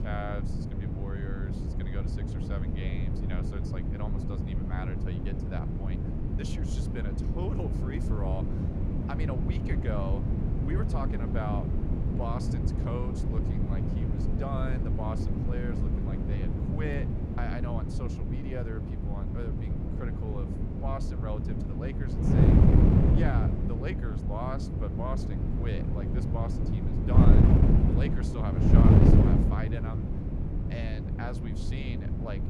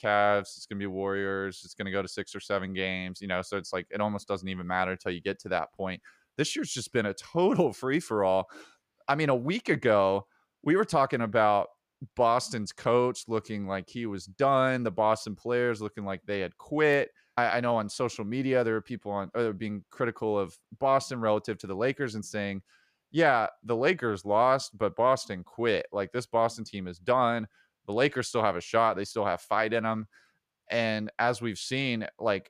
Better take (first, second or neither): second